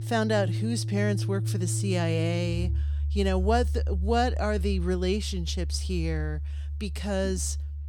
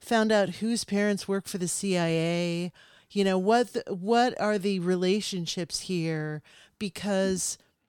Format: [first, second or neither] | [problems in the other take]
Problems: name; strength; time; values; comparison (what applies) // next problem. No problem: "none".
second | background music; loud; throughout; 1 dB below the speech